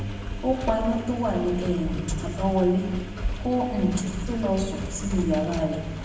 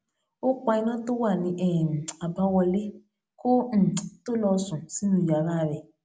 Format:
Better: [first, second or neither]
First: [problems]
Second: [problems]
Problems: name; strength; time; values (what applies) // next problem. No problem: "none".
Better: second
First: background sound (Engine); 6 dB below the speech // room echo; dies away in 1.1 s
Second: none